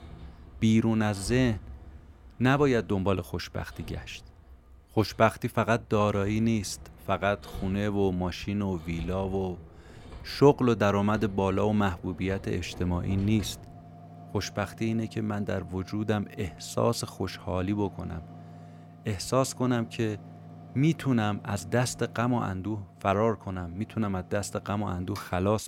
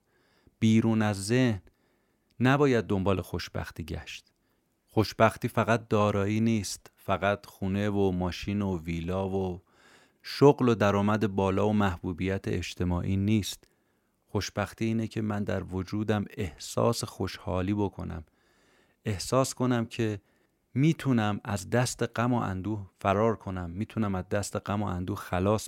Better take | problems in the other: second | machinery noise; noticeable; throughout; 20 dB below the speech

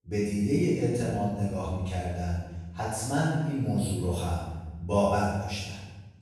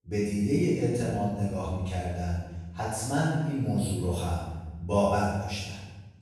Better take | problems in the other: neither | room echo; strong; dies away in 1.1 s; the same in both // off-mic speech; far; the same in both

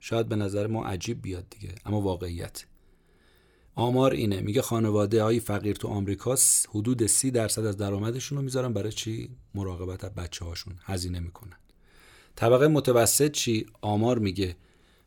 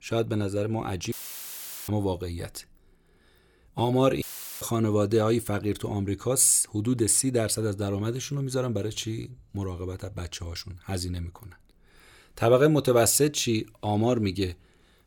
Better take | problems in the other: first | audio cutting out; filled with static; at 1 s for 1 s and at 4 s

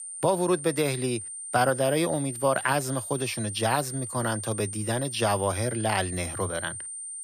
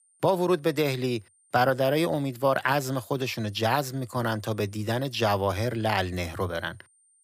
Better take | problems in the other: second | high-pitched whine; loud; throughout; 9 kHz, 7 dB below the speech; faint in the second

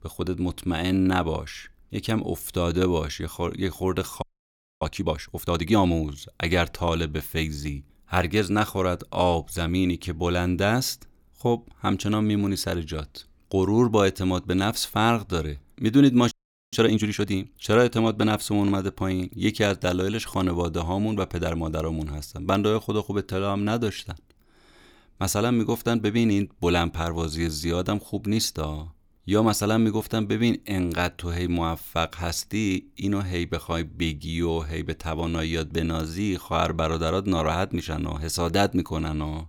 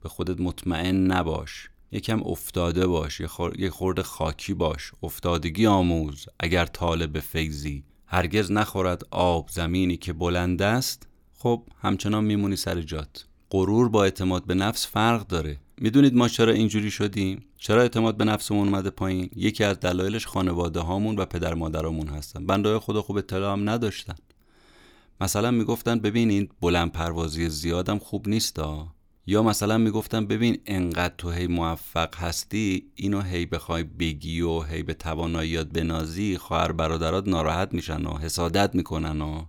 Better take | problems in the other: second | audio freezing; at 4 s for 0.5 s and at 16 s

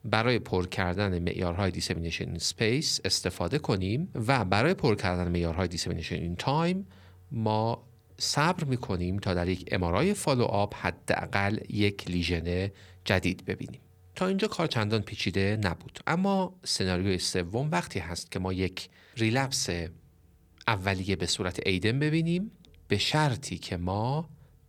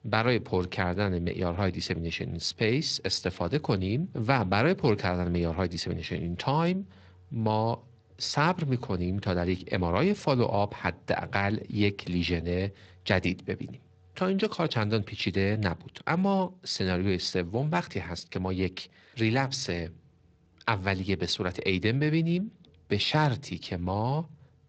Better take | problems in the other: first | garbled, watery; slightly; nothing above 7.5 kHz

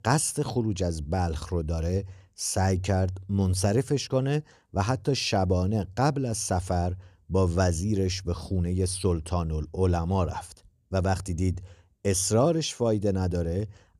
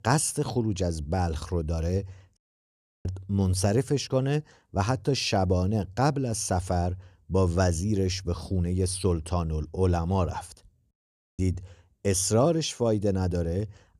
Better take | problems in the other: first | audio cutting out; at 2.5 s for 0.5 s and at 11 s

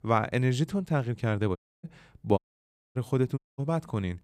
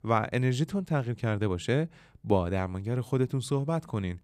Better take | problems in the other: second | audio cutting out; at 1.5 s, at 2.5 s for 0.5 s and at 3.5 s

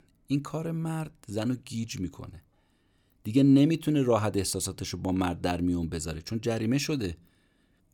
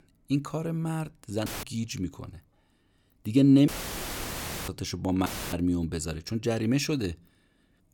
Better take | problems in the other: first | audio cutting out; filled with static; at 1.5 s, at 3.5 s for 1 s and at 5.5 s

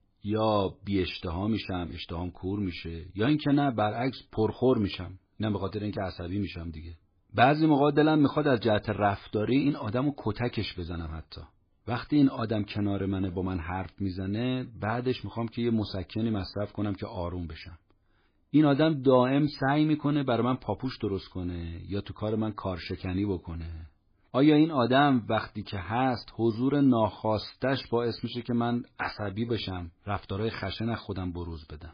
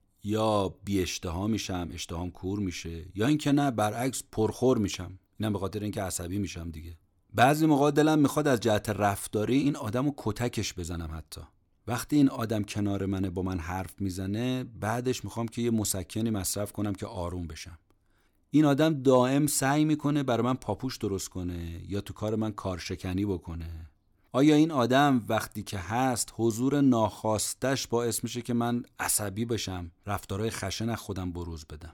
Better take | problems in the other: second | garbled, watery; badly; nothing above 5 kHz

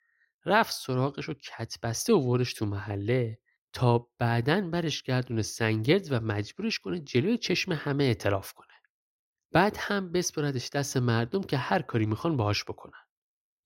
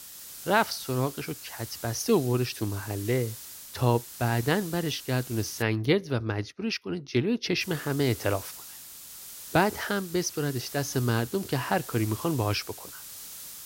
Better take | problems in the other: first | hiss; noticeable; until 5.5 s and from 7.5 s on; 10 dB below the speech

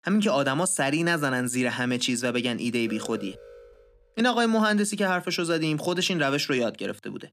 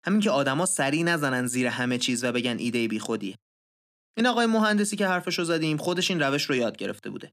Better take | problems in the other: second | alarm; faint; from 3 to 4 s; peak 15 dB below the speech

